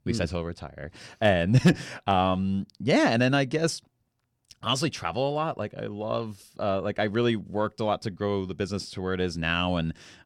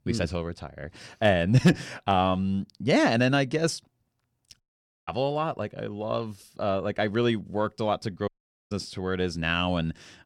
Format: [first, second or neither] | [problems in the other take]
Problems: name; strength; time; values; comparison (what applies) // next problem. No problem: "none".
first | audio cutting out; at 4.5 s and at 8.5 s